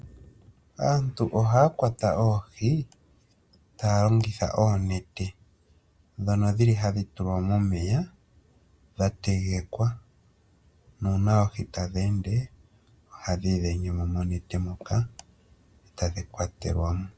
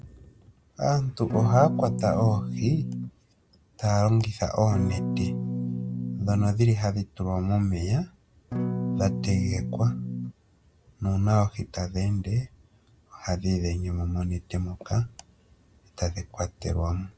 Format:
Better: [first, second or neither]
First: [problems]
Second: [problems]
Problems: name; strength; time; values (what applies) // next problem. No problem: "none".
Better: first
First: none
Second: background sound (Electric guitar / Strum); 2 dB below the speech